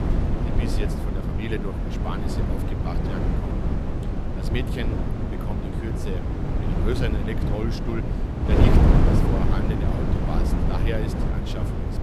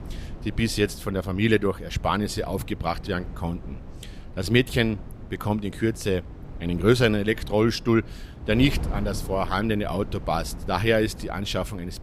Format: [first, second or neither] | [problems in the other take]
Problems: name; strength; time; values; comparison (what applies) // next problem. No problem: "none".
second | wind noise on the microphone; heavy; 4 dB above the speech; occasional gusts in the second